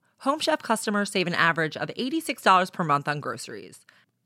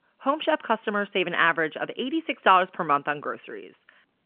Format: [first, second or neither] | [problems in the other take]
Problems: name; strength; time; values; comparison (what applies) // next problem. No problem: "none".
first | phone-call audio; nothing above 3 kHz